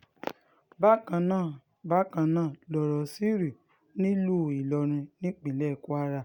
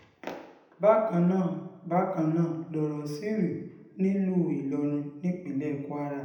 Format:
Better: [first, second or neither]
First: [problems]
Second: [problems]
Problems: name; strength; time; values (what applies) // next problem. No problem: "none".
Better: first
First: none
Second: room echo; dies away in 0.8 s